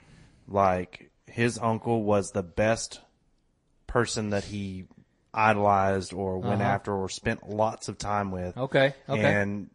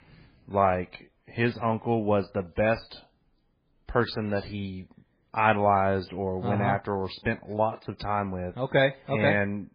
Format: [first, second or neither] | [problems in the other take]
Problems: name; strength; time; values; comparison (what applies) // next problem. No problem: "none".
first | garbled, watery; badly; nothing above 4.5 kHz; slightly in the first